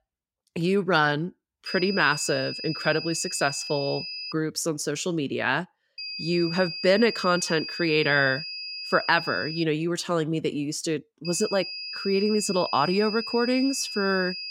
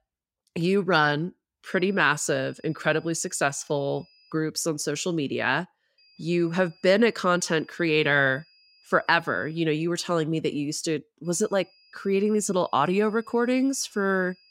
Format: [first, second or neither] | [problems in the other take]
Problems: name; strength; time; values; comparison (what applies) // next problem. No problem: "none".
second | high-pitched whine; loud; from 1.5 to 4.5 s, from 6 to 9.5 s and from 11 s on; 5 kHz, 7 dB below the speech; faint in the second